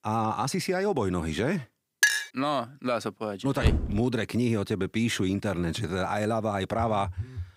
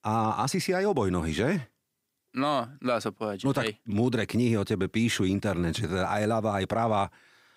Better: second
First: clattering dishes; loud; at 2 s; peak 5 dB above the speech // door banging; loud; at 3.5 s; peak 1 dB above the speech // phone ringing; noticeable; at 7 s; peak 7 dB below the speech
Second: none

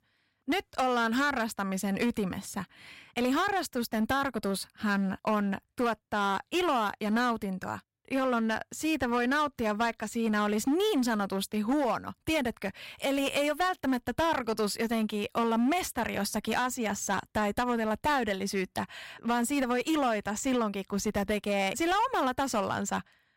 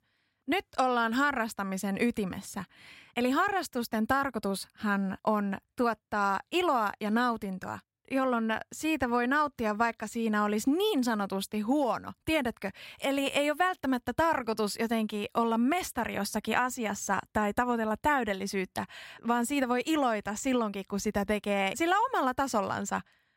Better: second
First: distortion; slight; 10% of the sound clipped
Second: none

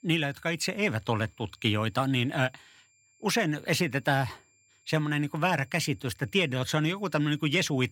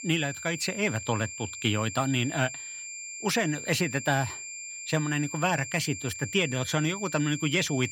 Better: first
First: high-pitched whine; faint; throughout; 2.5 kHz, 35 dB below the speech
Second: high-pitched whine; loud; throughout; 2.5 kHz, 8 dB below the speech

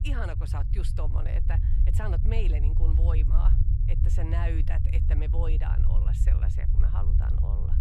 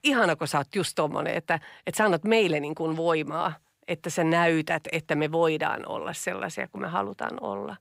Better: second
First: low rumble; loud; throughout; 3 dB below the speech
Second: none

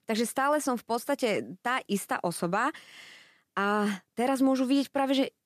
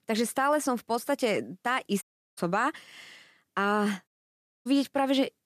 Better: first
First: none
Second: audio cutting out; at 2 s and at 4 s for 0.5 s

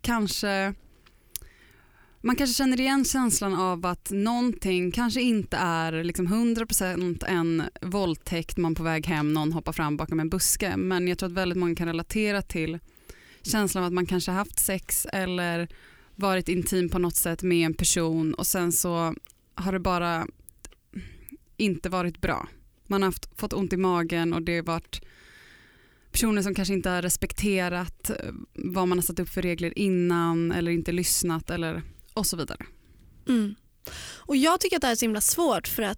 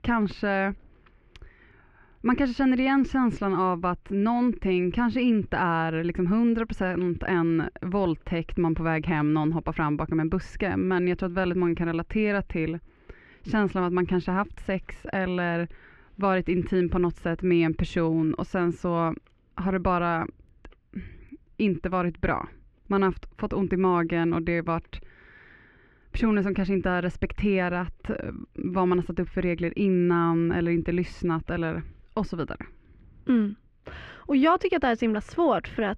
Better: first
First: none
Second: muffled; very; fading above 2.5 kHz

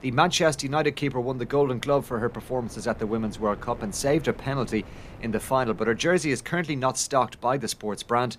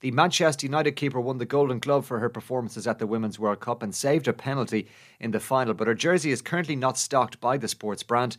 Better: second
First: wind noise on the microphone; occasional gusts; 25 dB below the speech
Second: none

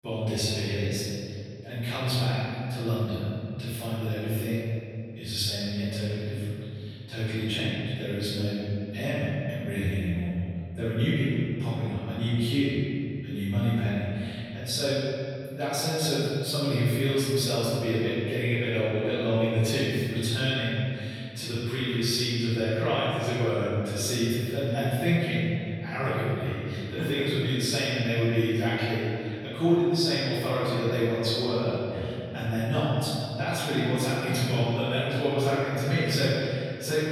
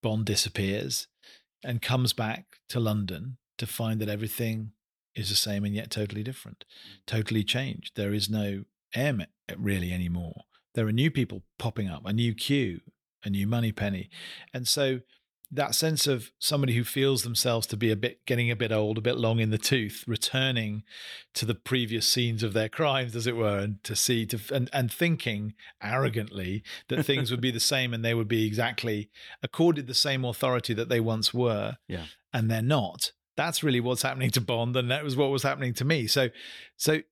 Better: second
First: off-mic speech; far // room echo; strong; dies away in 2.4 s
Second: none

